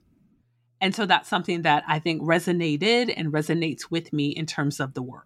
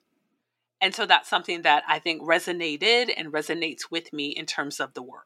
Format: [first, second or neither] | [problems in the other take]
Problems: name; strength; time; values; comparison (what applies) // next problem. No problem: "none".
first | thin; somewhat; fading below 500 Hz